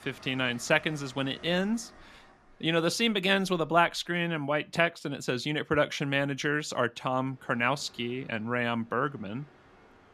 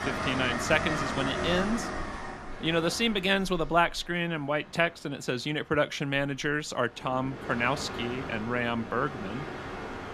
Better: first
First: train or aircraft noise; faint; throughout; 25 dB below the speech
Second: train or aircraft noise; loud; throughout; 6 dB below the speech

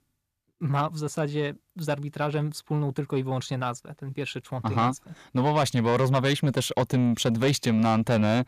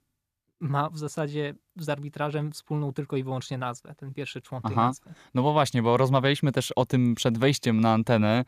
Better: second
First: distortion; slight; 10 dB below the speech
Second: none

